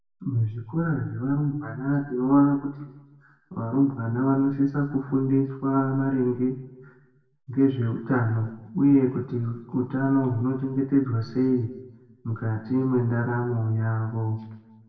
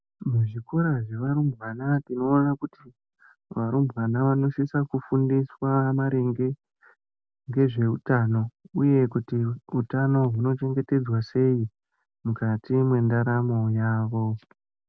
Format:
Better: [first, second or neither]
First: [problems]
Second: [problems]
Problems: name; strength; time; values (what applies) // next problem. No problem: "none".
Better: second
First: room echo; dies away in 0.9 s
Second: none